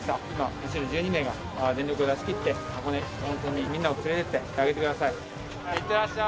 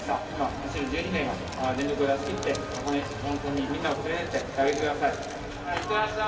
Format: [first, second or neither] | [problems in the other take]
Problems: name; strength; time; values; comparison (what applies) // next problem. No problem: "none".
first | background sound (Zipper (clothing)); 19 dB below the speech // room echo; dies away in 2.5 s